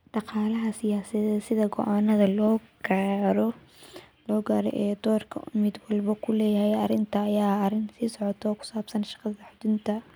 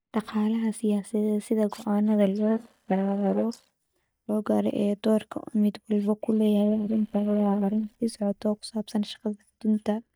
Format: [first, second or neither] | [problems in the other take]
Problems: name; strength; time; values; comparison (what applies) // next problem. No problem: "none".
first | noise reduction (neural mask model DeepFilterNet 3)